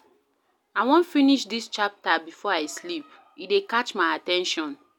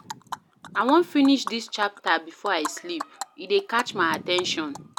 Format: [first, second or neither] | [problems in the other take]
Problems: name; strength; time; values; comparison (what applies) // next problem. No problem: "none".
first | background sound (Animal); 13 dB below the speech